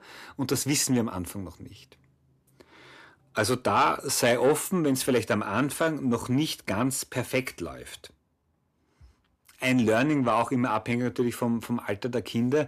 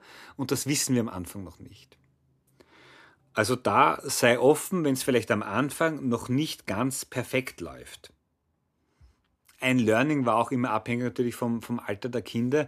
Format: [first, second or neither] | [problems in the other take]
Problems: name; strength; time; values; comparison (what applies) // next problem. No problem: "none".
second | distortion; slight; 10 dB below the speech